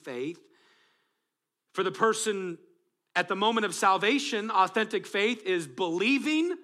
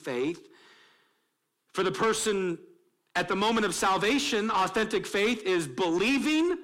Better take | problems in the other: first | distortion; heavy; 7 dB below the speech

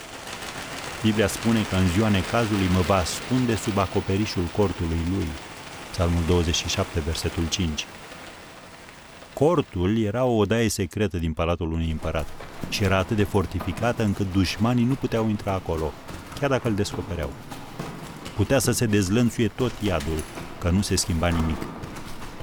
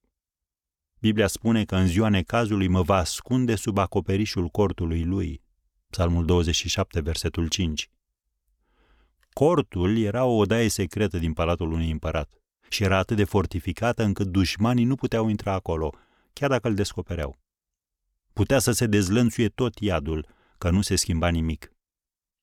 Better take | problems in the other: second | animal sounds; noticeable; throughout; 10 dB below the speech

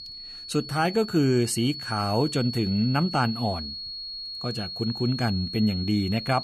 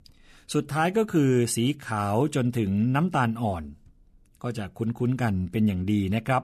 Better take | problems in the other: second | high-pitched whine; loud; throughout; 4.5 kHz, 8 dB below the speech

